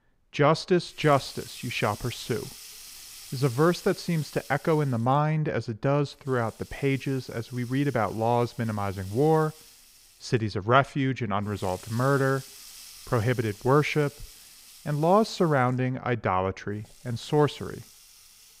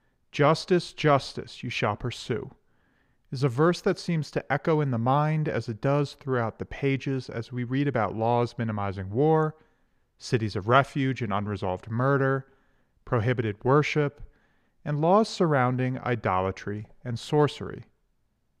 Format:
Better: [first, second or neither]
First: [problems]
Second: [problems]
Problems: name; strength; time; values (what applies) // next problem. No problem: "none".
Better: second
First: household noises; noticeable; throughout; 20 dB below the speech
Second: none